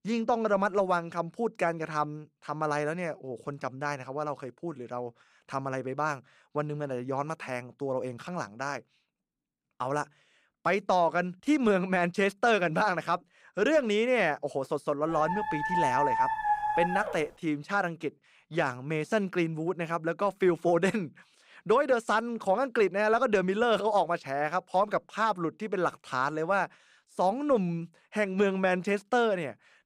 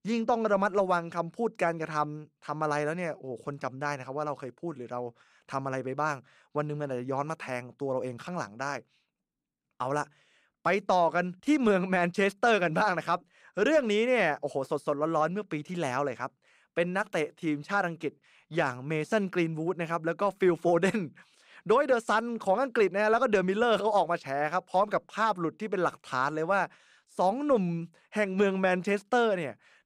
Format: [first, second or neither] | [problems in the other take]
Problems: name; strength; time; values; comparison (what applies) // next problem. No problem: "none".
second | dog barking; loud; from 15 to 17 s; peak 2 dB above the speech